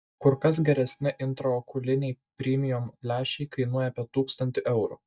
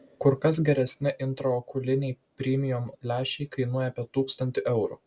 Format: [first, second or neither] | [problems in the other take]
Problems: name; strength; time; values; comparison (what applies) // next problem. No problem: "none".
second | noise reduction (neural mask model DeepFilterNet 3)